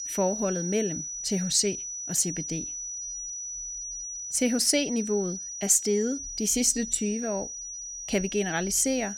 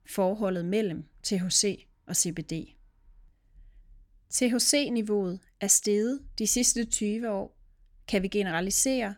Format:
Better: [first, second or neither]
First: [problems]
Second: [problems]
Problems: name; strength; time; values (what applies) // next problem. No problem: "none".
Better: second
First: high-pitched whine; loud; throughout; 6 kHz, 7 dB below the speech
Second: none